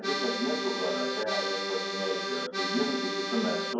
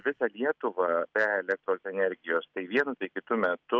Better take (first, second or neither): second